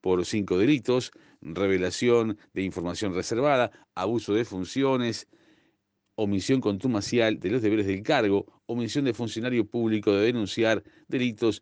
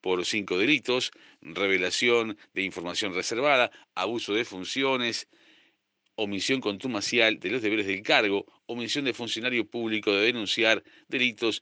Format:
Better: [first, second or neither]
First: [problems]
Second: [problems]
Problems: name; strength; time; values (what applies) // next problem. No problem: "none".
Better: first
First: none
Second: thin; very slightly; fading below 450 Hz